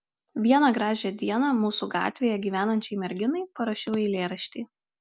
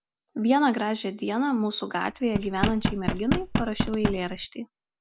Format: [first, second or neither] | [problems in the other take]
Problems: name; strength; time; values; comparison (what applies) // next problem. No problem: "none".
first | background sound (Knock); 1 dB below the speech